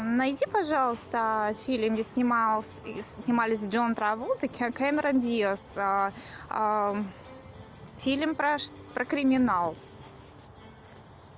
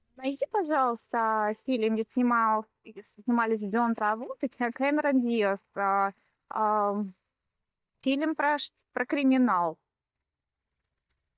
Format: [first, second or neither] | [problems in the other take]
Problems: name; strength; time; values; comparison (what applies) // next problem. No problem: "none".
first | noise reduction (neural mask model DeepFilterNet 3)